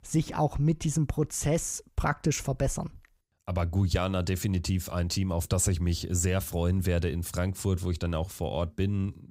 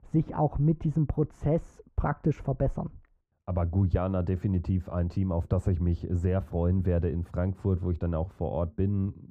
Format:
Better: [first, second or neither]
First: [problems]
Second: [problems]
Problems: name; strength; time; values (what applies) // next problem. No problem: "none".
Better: first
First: none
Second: muffled; very; fading above 2.5 kHz